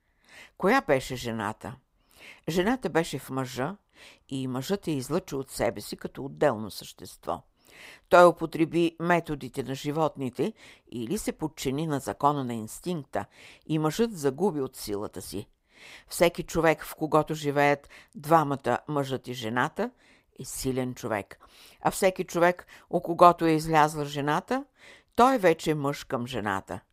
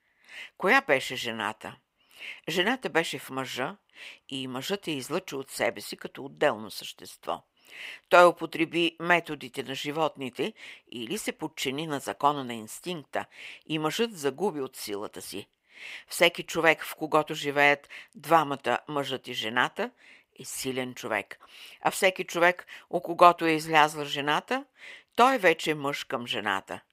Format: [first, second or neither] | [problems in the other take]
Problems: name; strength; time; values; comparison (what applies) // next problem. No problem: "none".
first | thin; very slightly; fading below 650 Hz